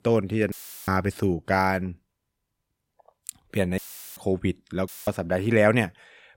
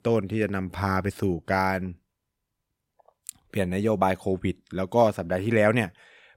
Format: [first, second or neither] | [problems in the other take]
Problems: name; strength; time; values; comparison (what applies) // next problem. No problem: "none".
second | audio cutting out; filled with static; at 0.5 s, at 4 s and at 5 s